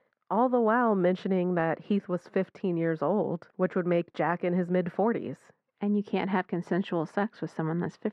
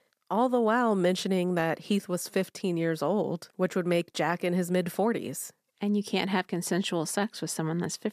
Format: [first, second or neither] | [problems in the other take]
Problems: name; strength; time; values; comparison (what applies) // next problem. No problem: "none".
second | muffled; very; fading above 1.5 kHz